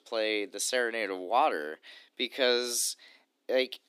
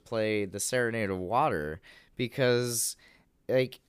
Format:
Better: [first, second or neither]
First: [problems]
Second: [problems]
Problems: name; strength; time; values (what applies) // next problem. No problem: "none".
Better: second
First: thin; somewhat; fading below 250 Hz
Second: none